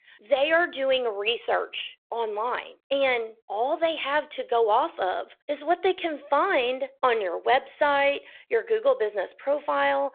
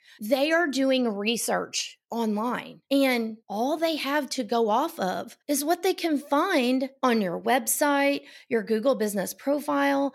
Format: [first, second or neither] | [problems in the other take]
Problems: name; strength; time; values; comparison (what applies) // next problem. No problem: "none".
second | phone-call audio; nothing above 3.5 kHz